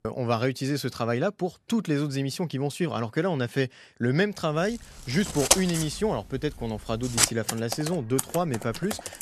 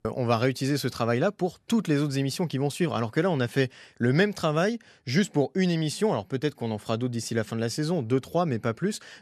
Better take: second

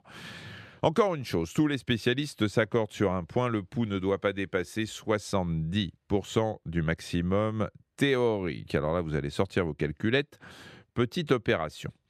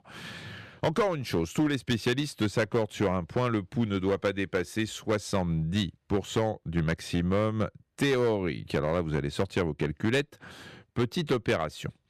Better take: first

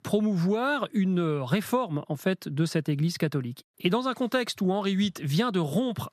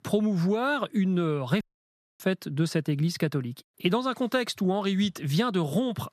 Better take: first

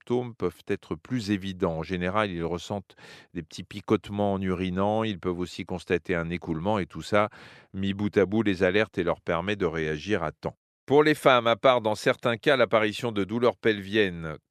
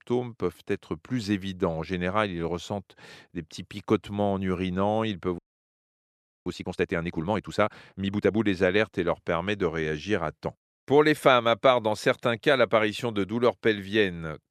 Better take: first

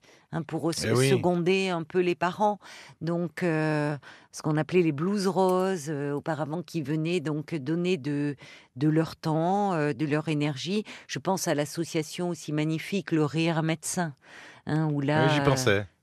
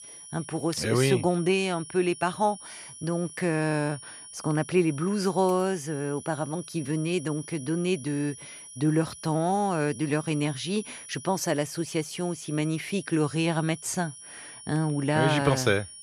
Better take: first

